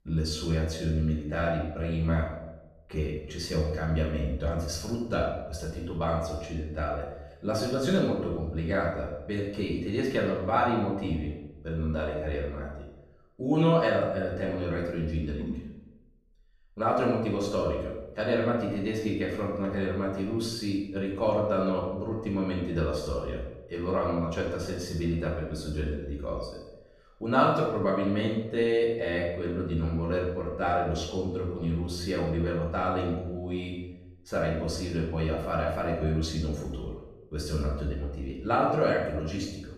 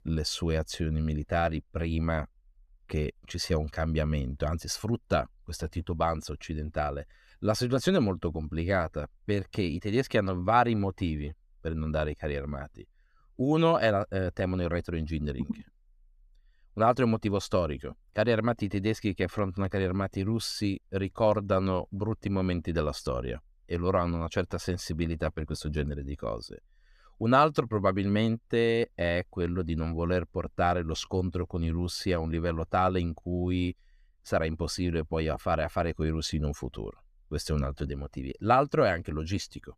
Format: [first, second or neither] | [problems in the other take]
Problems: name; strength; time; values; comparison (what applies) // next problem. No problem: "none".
second | off-mic speech; far // room echo; noticeable; dies away in 0.7 s